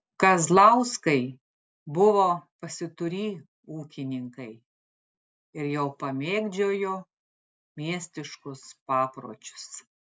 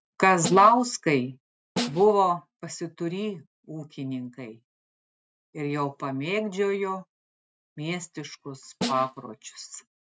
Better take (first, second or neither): first